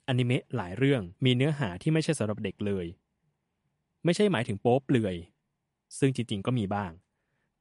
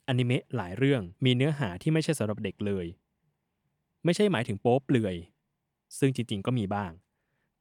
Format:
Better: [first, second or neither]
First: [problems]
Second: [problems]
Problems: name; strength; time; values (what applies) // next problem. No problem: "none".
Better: second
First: garbled, watery; slightly; nothing above 10.5 kHz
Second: none